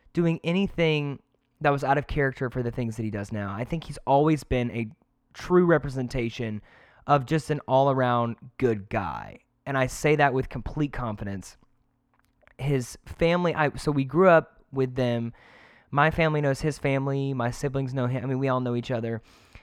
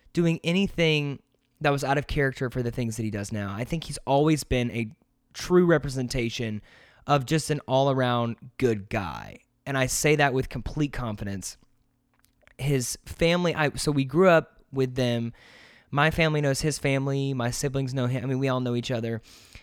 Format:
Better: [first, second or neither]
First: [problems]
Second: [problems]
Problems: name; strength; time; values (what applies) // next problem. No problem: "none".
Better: second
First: muffled; slightly; fading above 3 kHz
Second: none